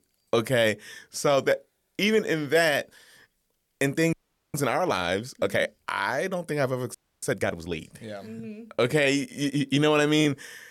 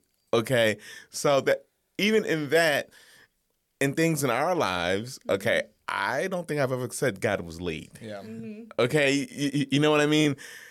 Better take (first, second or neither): second